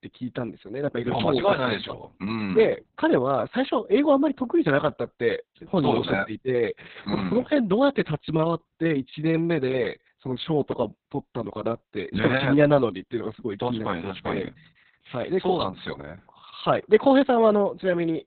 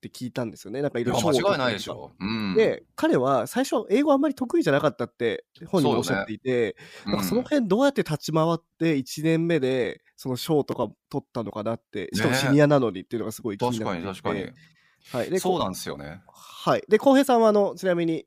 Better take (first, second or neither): second